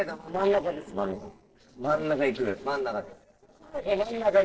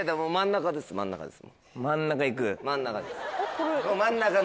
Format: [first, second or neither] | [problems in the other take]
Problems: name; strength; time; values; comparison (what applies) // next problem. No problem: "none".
second | noise reduction (neural separator model SepFormer DNS4)